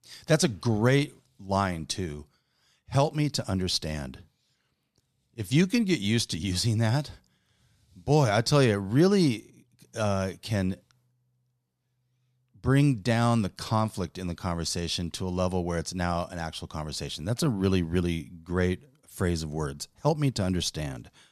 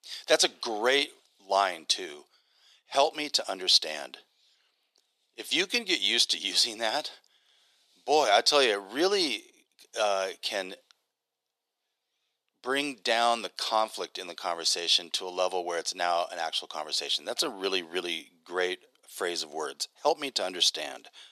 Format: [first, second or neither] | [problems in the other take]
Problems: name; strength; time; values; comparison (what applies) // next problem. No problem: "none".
first | thin; very; fading below 400 Hz